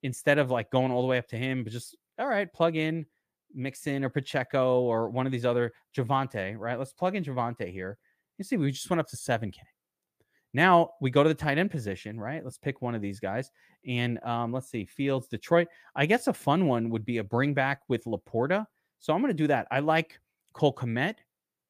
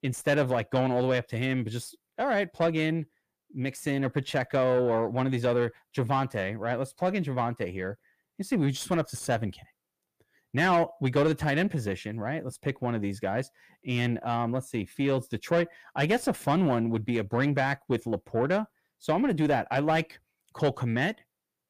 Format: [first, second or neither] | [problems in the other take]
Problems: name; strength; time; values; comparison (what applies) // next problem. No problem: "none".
first | distortion; slight; 10 dB below the speech